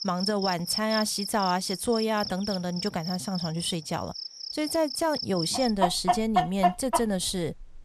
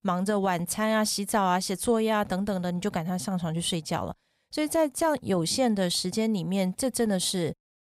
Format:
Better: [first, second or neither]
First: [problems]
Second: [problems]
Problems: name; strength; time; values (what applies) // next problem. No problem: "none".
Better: second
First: animal sounds; loud; throughout; 3 dB below the speech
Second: none